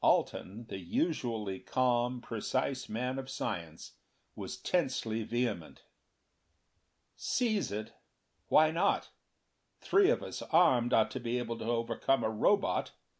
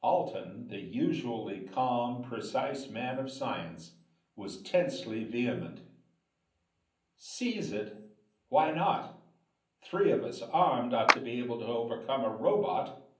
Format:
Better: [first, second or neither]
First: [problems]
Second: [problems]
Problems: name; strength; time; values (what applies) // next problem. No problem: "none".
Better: first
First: none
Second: background sound (Clapping); as loud as the speech // room echo; dies away in 0.6 s